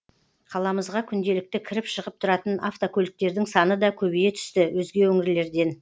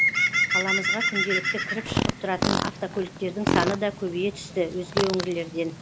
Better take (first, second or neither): first